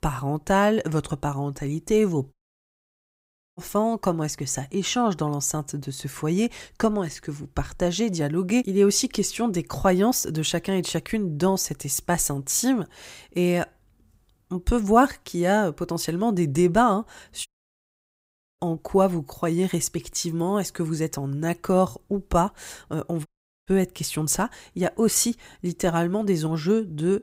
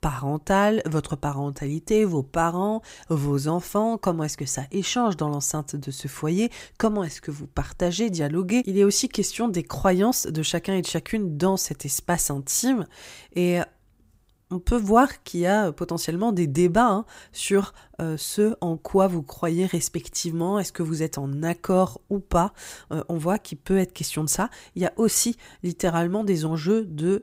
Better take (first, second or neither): second